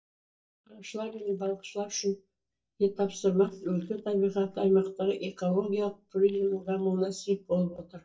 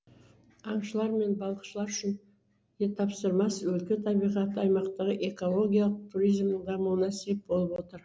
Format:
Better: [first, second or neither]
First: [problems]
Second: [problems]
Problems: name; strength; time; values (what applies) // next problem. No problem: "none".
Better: second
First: noise reduction (neural mask model DeepFilterNet 3)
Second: none